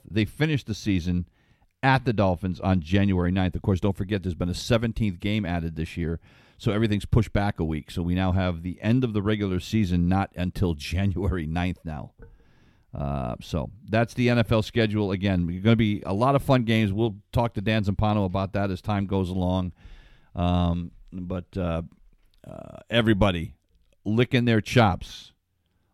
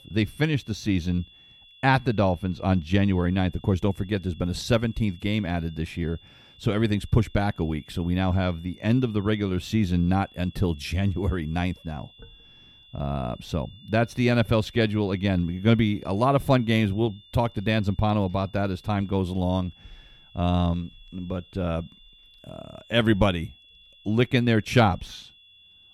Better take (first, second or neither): first